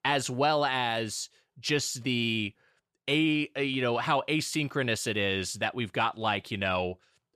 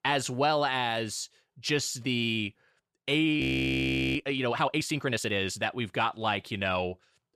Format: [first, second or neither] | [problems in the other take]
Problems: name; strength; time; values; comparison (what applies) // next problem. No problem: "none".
first | audio freezing; at 3.5 s for 1 s